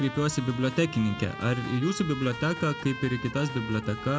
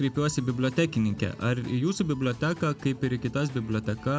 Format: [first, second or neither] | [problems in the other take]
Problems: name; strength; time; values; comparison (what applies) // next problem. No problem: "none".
second | background sound (Trumpet); 12 dB below the speech